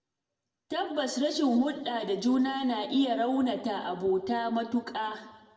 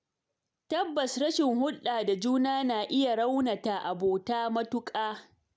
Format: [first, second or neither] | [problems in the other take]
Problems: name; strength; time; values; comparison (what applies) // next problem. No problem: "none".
second | room echo; dies away in 1.1 s